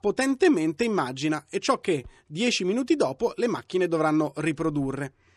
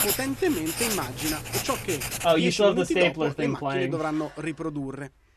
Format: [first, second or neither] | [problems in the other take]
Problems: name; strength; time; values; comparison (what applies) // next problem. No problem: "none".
first | household noises; very loud; throughout; 4 dB above the speech